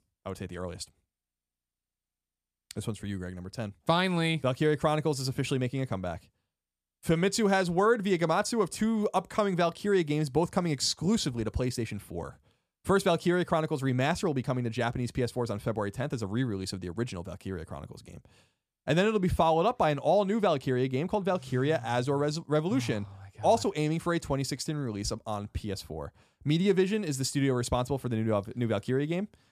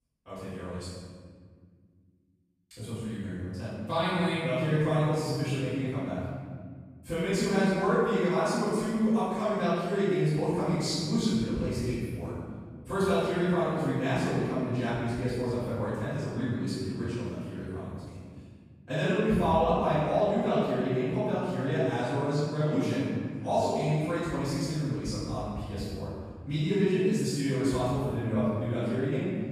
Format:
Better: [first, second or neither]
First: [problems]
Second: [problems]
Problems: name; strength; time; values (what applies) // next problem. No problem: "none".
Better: first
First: none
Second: off-mic speech; far // room echo; strong; dies away in 1.8 s